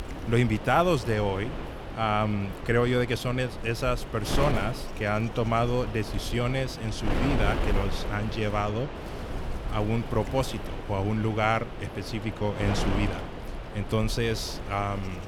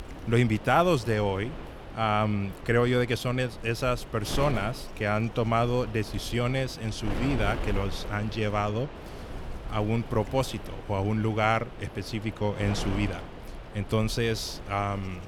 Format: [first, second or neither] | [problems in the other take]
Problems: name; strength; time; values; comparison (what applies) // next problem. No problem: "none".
second | wind noise on the microphone; heavy; 8 dB below the speech; occasional gusts in the second